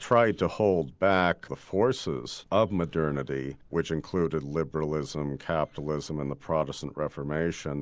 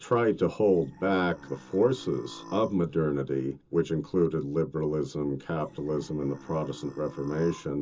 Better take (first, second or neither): first